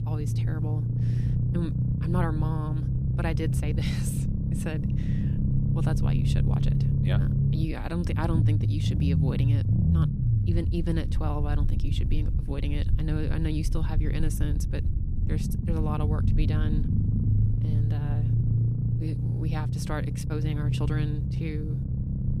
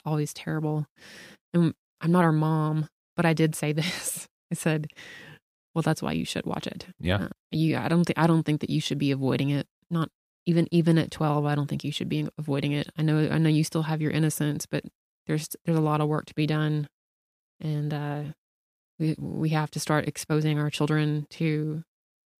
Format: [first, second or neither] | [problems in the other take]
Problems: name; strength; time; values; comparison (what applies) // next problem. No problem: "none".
second | low rumble; loud; throughout; 1 dB below the speech